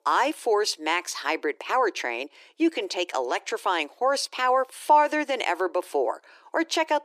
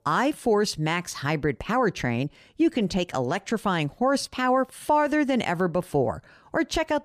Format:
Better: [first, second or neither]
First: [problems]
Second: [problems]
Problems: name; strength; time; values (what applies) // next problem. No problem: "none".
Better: second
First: thin; very; fading below 300 Hz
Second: none